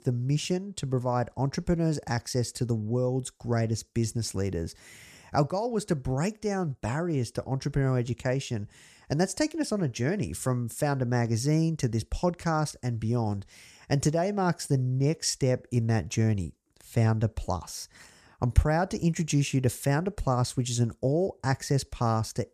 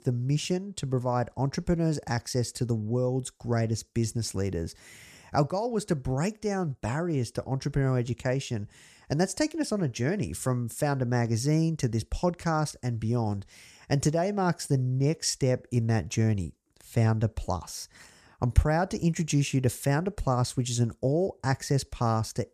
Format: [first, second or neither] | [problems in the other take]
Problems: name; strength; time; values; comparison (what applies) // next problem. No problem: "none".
neither | none